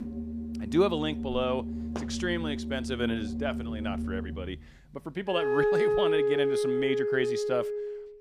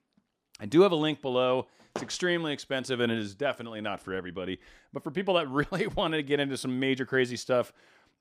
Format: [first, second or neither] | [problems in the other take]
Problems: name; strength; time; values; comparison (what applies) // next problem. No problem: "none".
second | background music; very loud; throughout; 1 dB above the speech